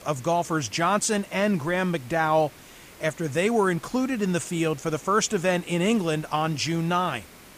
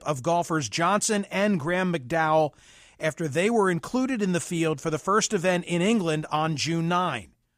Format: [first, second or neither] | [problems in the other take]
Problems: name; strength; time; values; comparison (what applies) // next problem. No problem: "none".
second | hiss; faint; throughout; 20 dB below the speech